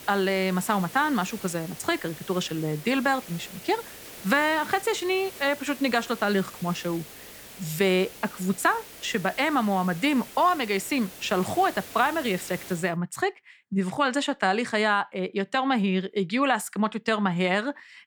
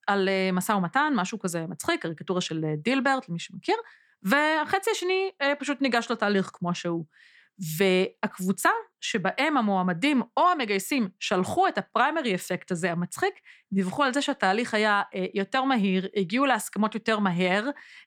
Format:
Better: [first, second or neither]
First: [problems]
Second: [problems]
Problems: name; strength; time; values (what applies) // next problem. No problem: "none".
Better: second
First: hiss; noticeable; until 13 s; 15 dB below the speech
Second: none